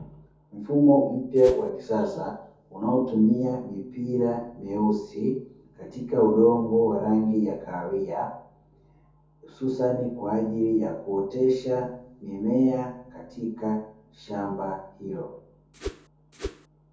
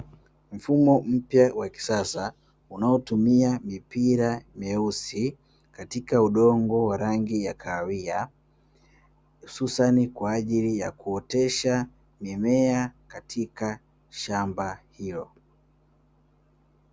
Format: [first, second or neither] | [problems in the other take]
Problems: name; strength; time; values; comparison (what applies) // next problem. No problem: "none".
second | background sound (Whoosh, swoosh, swish); 10 dB below the speech // room echo; dies away in 0.6 s